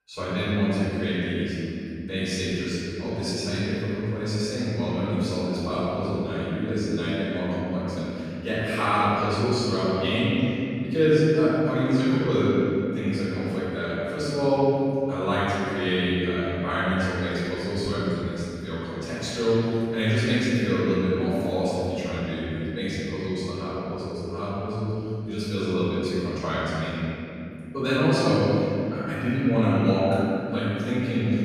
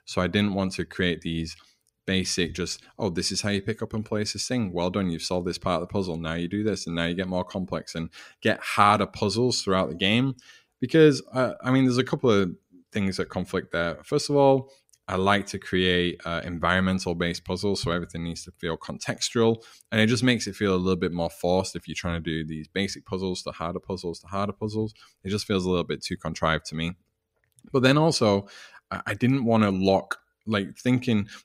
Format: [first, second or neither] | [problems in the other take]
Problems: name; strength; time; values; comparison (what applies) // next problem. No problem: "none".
second | off-mic speech; far // room echo; strong; dies away in 3 s